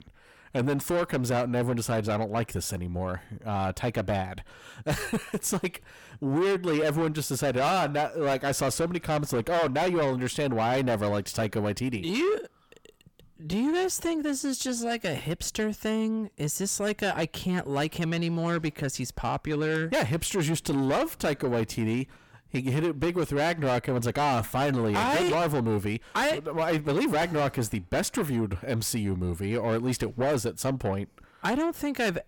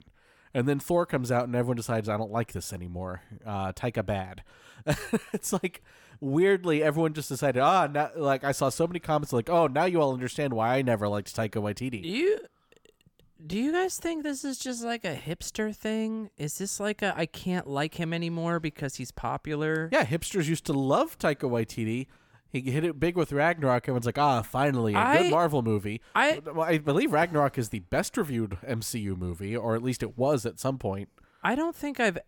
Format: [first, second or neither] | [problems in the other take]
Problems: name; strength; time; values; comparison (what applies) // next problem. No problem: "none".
second | distortion; heavy; 7 dB below the speech